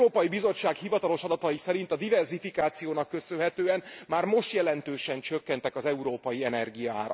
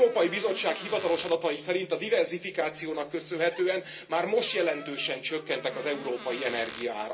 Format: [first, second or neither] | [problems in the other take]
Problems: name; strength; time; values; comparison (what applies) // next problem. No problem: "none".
first | background sound (Door); 17 dB below the speech // room echo; dies away in 0.2 s